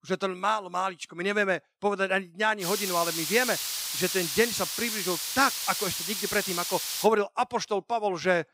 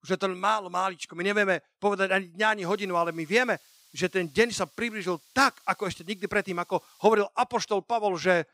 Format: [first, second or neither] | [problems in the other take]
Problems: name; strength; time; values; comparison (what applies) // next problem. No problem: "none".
second | hiss; loud; from 2.5 to 7 s; 2 dB below the speech; faint in the second